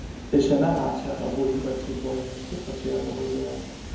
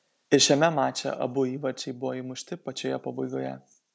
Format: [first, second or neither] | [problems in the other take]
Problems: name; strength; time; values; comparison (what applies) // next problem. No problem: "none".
second | background sound (Train); 10 dB below the speech // room echo; dies away in 0.9 s